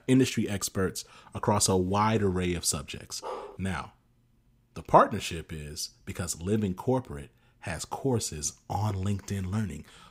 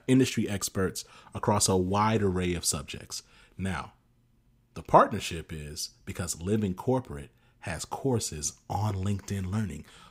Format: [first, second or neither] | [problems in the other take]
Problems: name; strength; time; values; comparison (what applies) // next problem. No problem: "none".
second | dog barking; faint; at 3 s; peak 10 dB below the speech